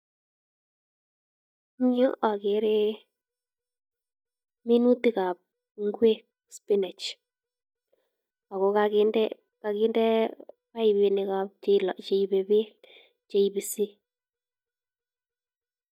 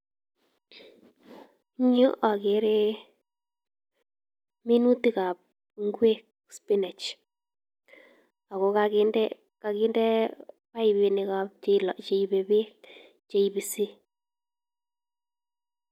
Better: second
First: noise reduction (neural mask model DeepFilterNet 3)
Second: none

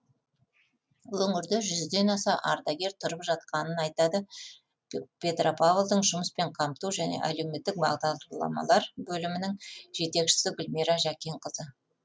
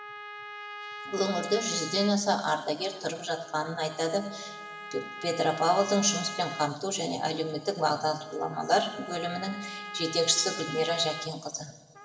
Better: first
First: none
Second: background sound (Trumpet); 12 dB below the speech // room echo; dies away in 2.5 s

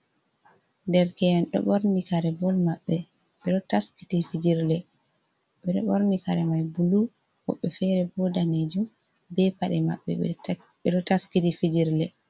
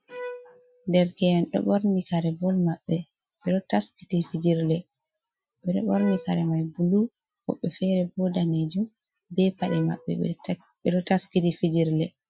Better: first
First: none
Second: noise reduction (classical method Wiener filter)

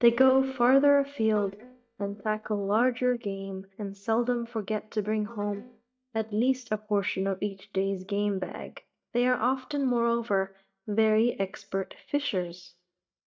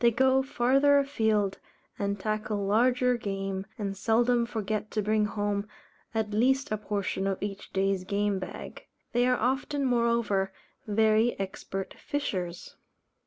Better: second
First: noise reduction (neural mask model DeepFilterNet 3)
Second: none

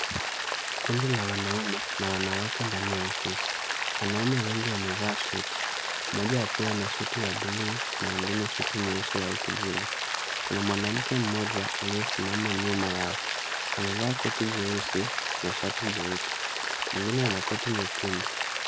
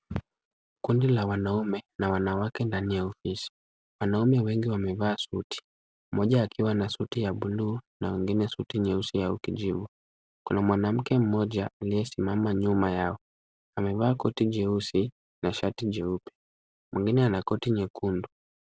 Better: second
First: background sound (Rain); 1 dB above the speech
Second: none

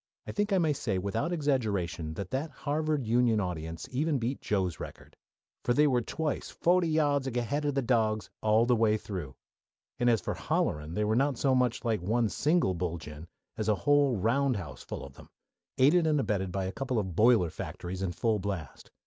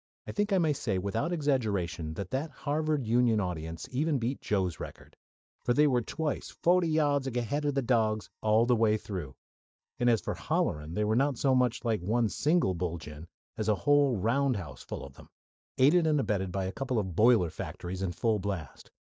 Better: first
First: none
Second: noise reduction (neural mask model DeepFilterNet 3)

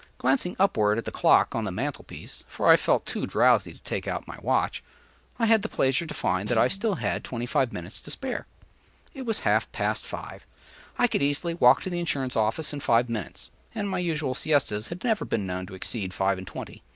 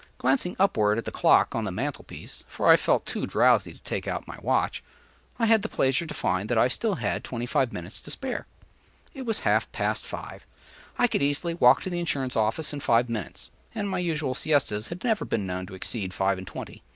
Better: second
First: background sound (Snare drum); 19 dB below the speech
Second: none

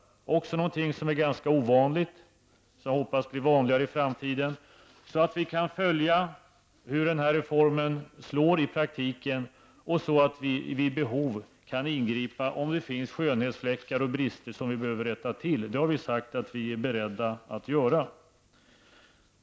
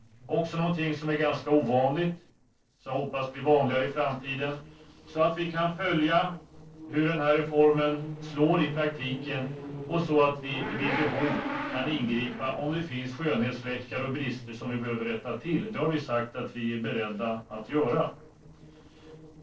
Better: first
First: none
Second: noise reduction (neural separator model SepFormer DNS4)

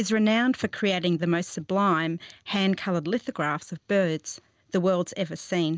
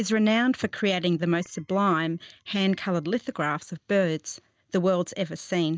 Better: first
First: none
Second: noise reduction (neural mask model DeepFilterNet 3)

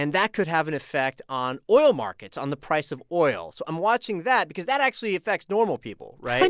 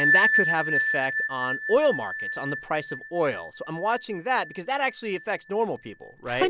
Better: first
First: none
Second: background sound (Bell); 1 dB below the speech

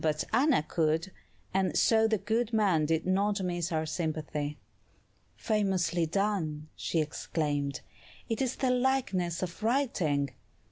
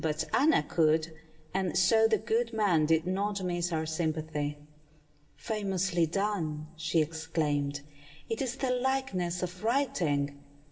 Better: first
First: none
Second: room echo; dies away in 1.1 s

